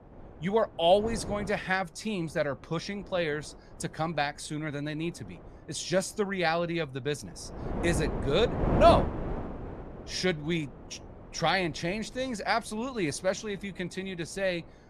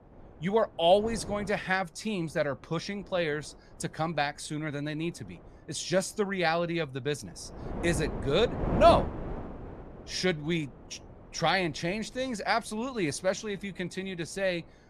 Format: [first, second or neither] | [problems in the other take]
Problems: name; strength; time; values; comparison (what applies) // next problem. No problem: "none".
second | wind noise on the microphone; heavy; 9 dB below the speech; occasional gusts in the second